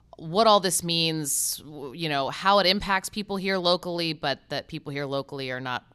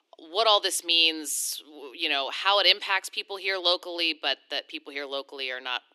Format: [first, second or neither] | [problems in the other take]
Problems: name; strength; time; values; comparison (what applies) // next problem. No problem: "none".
first | thin; very; fading below 300 Hz